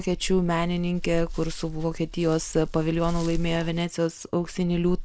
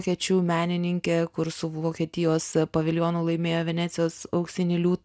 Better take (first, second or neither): second